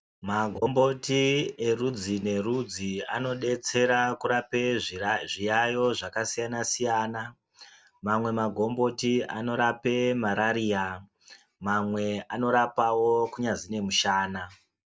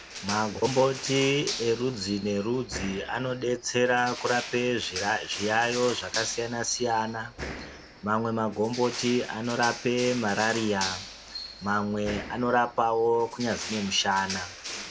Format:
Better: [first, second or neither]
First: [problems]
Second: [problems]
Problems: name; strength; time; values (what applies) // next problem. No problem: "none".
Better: first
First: none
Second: background sound (Crushing); 11 dB below the speech